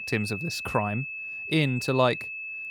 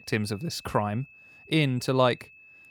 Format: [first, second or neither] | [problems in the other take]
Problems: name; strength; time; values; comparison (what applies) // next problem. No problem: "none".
second | high-pitched whine; loud; throughout; 2.5 kHz, 6 dB below the speech; faint in the second